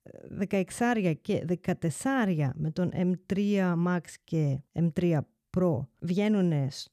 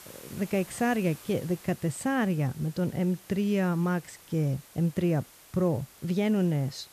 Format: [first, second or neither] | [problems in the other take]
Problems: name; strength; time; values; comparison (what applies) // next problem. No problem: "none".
first | hiss; faint; throughout; 20 dB below the speech